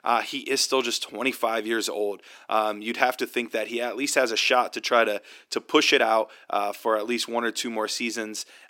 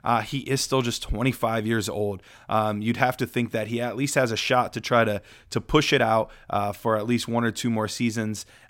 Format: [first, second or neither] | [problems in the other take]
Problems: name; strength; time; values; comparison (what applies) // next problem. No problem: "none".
second | thin; somewhat; fading below 300 Hz